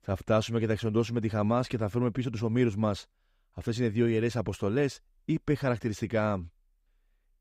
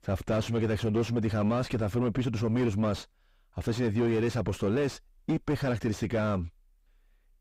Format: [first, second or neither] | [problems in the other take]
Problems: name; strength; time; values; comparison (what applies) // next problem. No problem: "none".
first | distortion; heavy; 6 dB below the speech